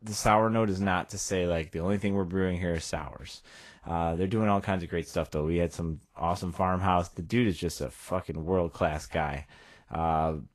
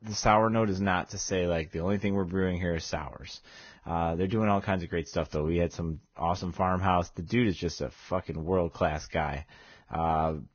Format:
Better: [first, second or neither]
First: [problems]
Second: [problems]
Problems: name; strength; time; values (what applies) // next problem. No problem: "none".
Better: first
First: garbled, watery; slightly; nothing above 12.5 kHz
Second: garbled, watery; badly; nothing above 6.5 kHz